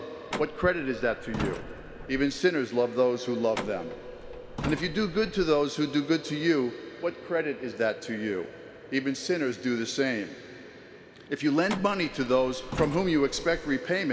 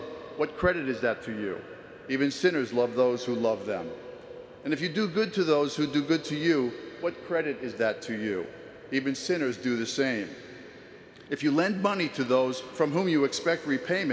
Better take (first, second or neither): second